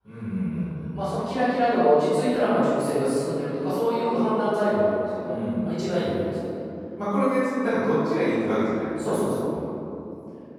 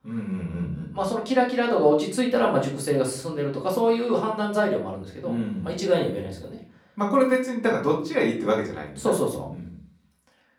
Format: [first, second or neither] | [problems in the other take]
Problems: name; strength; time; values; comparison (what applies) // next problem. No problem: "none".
second | room echo; strong; dies away in 3 s; slight in the second // off-mic speech; far; far in the second